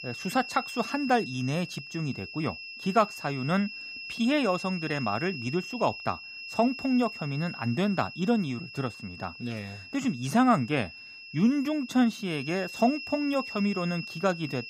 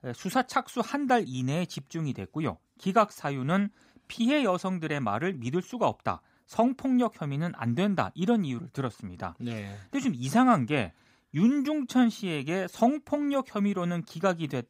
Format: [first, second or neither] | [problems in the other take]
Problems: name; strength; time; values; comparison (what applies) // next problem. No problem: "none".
second | high-pitched whine; loud; throughout; 2.5 kHz, 10 dB below the speech